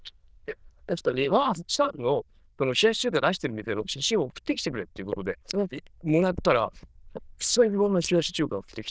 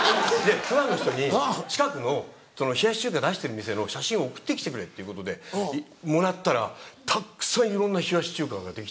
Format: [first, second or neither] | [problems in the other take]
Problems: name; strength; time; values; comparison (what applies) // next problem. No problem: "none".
second | noise reduction (neural diffusion model UNIVERSE++)